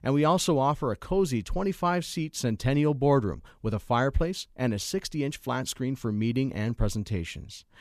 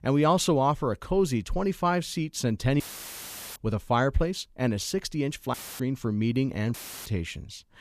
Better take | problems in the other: first | audio cutting out; filled with static; at 3 s for 1 s, at 5.5 s and at 6.5 s

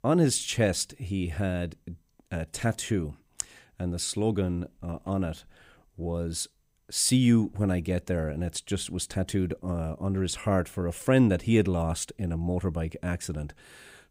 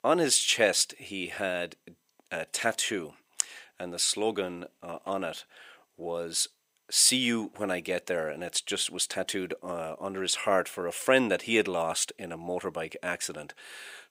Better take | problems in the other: first | thin; somewhat; fading below 500 Hz

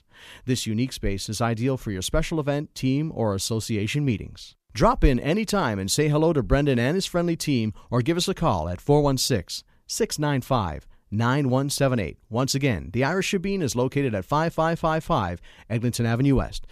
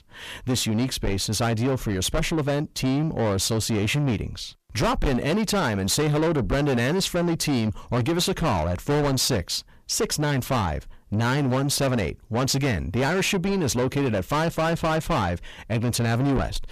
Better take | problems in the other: first | distortion; heavy; 6 dB below the speech

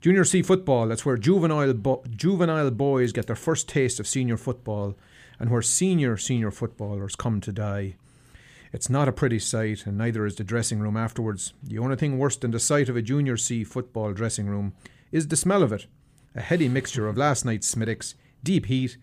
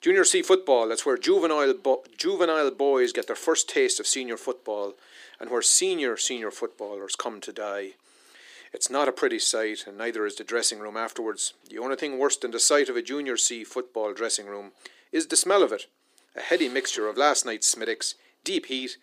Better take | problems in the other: first | thin; very; fading below 300 Hz

